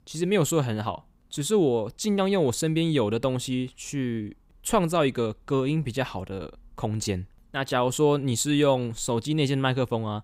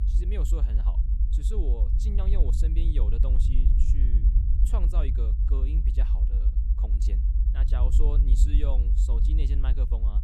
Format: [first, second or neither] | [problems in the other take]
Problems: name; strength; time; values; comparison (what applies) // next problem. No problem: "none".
first | low rumble; loud; throughout; 2 dB below the speech